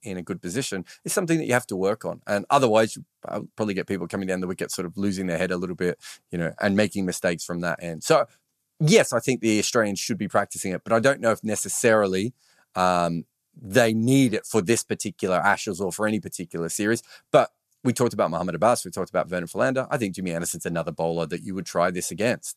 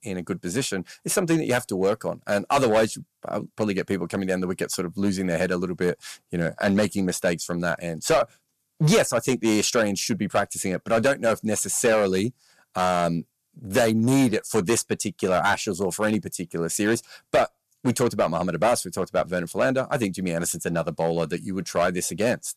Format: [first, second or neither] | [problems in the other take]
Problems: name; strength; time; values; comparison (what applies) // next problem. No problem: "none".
first | distortion; slight; 4% of the sound clipped